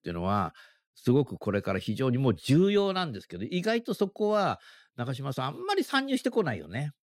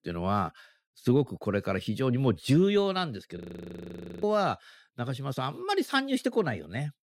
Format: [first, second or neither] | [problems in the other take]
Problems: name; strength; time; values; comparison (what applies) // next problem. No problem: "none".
first | audio freezing; at 3.5 s for 1 s